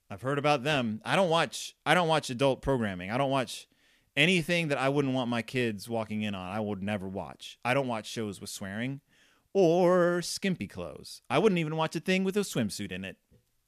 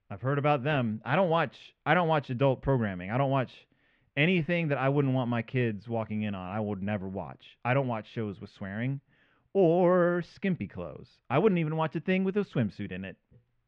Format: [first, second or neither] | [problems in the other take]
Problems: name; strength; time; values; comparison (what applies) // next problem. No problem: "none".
first | muffled; very; fading above 2.5 kHz